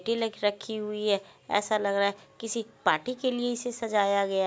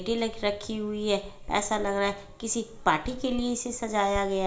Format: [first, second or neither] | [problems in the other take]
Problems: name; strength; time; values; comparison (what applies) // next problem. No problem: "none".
first | background sound (Writing); 13 dB below the speech // room echo; dies away in 0.4 s